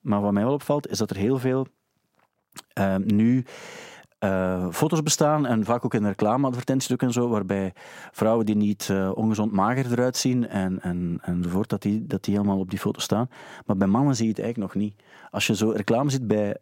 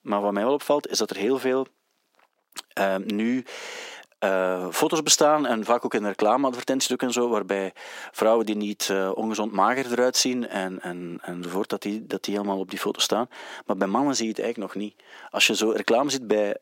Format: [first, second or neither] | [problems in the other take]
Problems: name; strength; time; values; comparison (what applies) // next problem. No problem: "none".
first | thin; somewhat; fading below 300 Hz